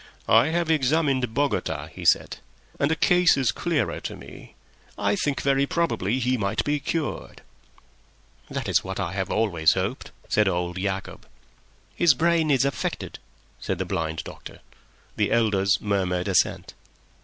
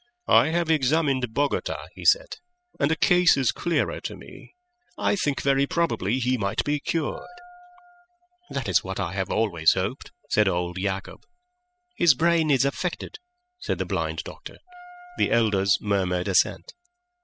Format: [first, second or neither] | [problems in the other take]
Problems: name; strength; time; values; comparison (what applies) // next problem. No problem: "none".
first | noise reduction (classical method spectral subtraction)